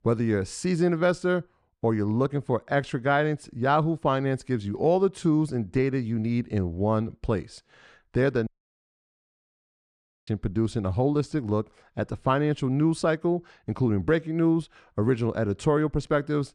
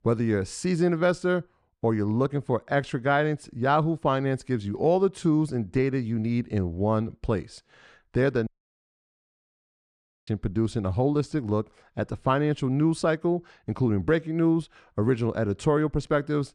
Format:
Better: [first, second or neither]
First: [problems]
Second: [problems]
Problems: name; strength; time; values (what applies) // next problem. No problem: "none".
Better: neither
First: audio cutting out; at 8.5 s for 2 s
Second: audio cutting out; at 8.5 s for 2 s